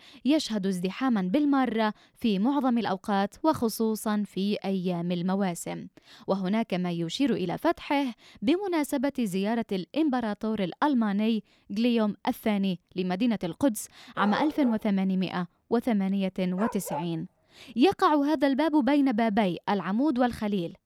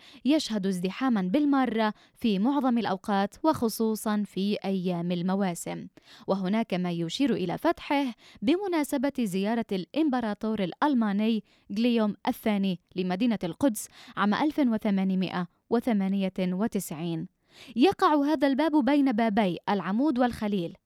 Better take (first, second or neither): second